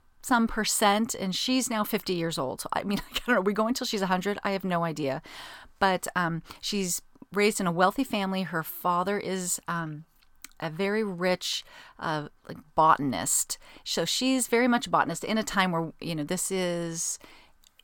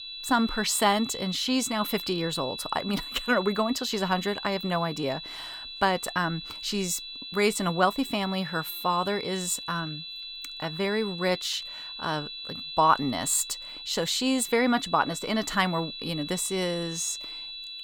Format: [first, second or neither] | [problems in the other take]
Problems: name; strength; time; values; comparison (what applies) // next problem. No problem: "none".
first | high-pitched whine; loud; throughout; 4 kHz, 9 dB below the speech